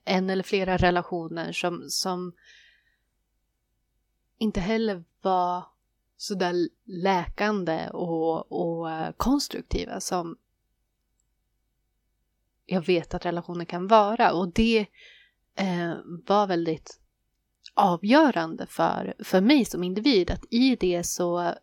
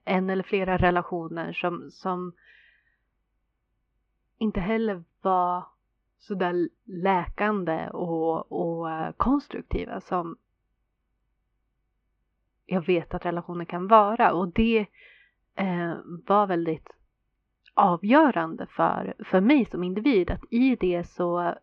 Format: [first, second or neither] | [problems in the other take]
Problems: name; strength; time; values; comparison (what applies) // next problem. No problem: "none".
first | muffled; very; fading above 2.5 kHz